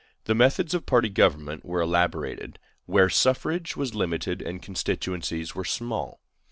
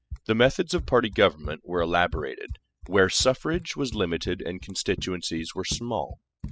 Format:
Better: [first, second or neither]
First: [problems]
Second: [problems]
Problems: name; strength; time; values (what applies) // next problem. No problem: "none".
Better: first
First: none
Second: noise reduction (classical method spectral subtraction)